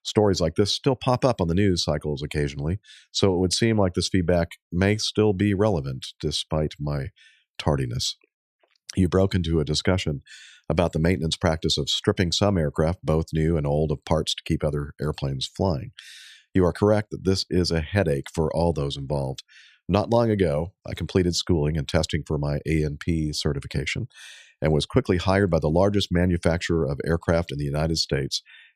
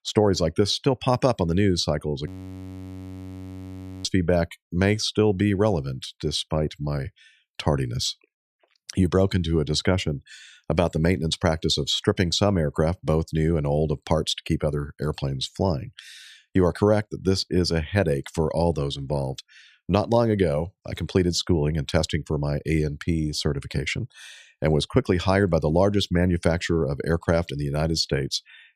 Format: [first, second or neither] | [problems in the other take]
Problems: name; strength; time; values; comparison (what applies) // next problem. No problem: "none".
first | audio freezing; at 2.5 s for 2 s